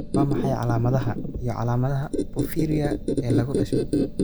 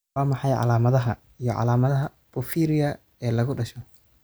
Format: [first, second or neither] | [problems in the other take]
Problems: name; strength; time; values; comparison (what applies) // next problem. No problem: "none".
second | background sound (Squeak); 1 dB above the speech